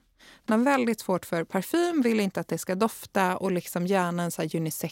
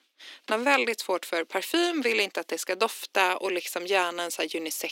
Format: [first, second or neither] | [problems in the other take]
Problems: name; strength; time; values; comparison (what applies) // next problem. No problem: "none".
first | thin; somewhat; fading below 300 Hz